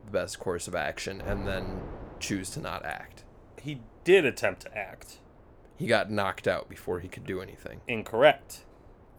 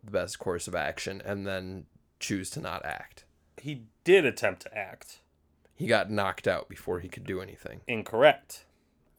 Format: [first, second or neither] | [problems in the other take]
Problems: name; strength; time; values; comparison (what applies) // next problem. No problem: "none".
second | wind noise on the microphone; occasional gusts; 20 dB below the speech